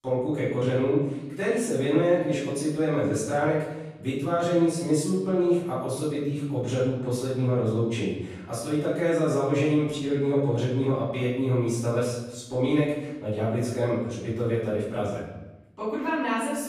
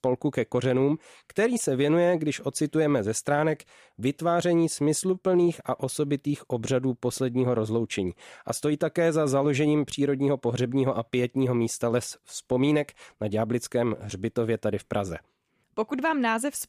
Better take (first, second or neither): second